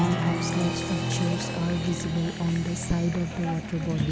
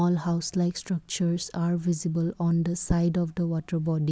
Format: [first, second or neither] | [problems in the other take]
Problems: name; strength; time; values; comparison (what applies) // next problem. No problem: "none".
second | background sound (Applause); 2 dB below the speech